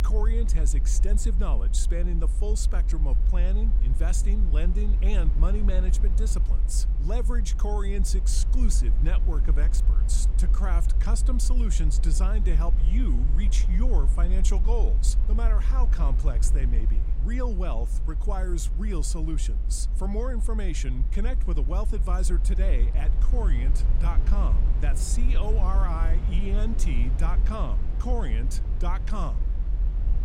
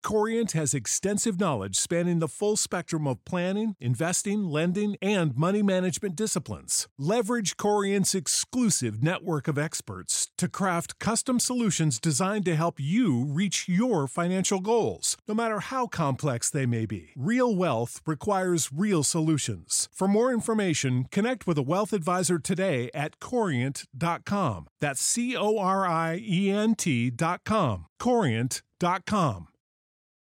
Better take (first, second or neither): second